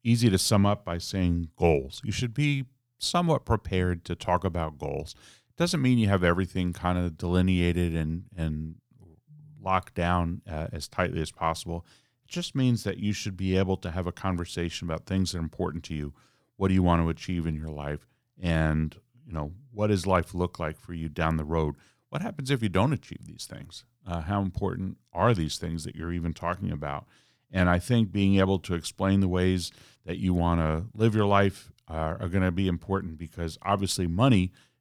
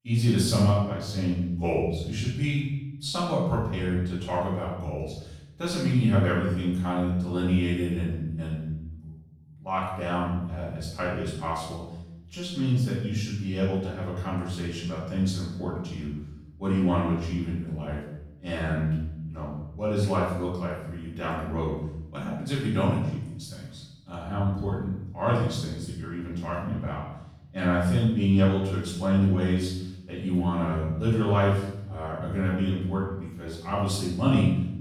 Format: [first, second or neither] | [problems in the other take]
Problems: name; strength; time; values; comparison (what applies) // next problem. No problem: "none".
first | off-mic speech; far // room echo; noticeable; dies away in 0.8 s